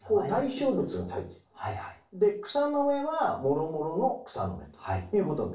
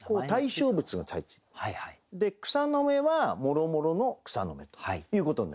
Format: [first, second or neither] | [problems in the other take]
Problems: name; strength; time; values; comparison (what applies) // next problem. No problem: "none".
second | room echo; dies away in 0.4 s